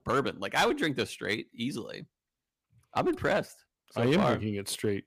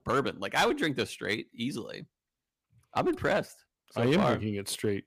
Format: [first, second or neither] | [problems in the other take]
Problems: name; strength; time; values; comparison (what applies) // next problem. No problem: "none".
neither | distortion; slight; 4% of the sound clipped; the same in both